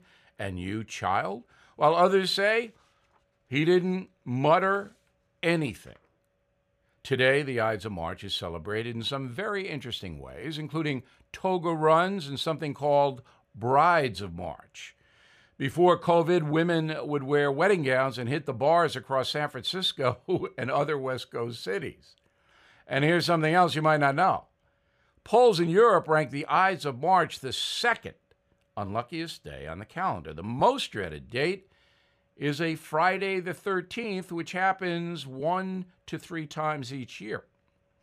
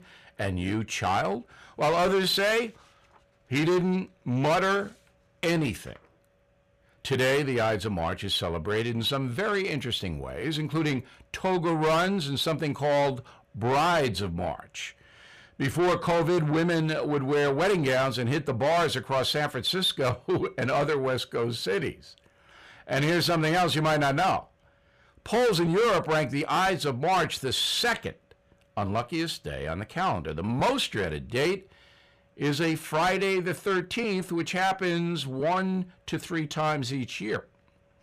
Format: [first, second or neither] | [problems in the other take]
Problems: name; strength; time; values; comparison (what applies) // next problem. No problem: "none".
first | distortion; heavy; 6 dB below the speech